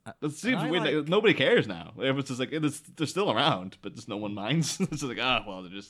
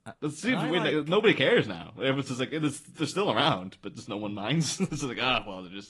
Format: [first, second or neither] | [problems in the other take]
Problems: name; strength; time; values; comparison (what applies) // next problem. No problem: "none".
first | garbled, watery; slightly; nothing above 11 kHz